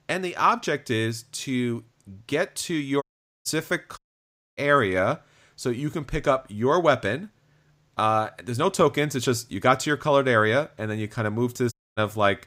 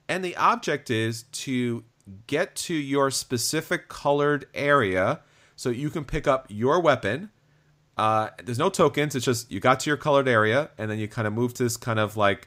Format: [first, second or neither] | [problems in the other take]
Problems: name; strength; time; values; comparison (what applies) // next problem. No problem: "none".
second | audio cutting out; at 3 s, at 4 s for 0.5 s and at 12 s